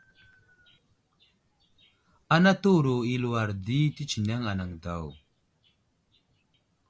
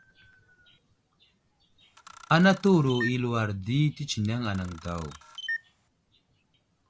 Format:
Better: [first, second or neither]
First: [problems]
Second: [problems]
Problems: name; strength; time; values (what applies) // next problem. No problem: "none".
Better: first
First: none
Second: background sound (Camera); 12 dB below the speech